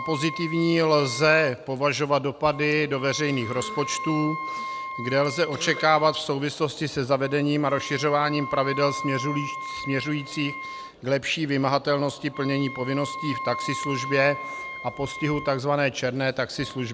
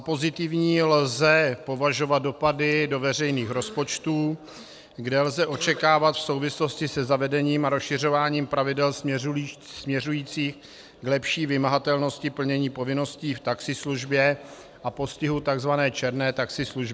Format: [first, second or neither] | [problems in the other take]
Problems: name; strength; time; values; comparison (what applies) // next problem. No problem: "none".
second | background sound (Wind instrument, woodwind instrument); 11 dB below the speech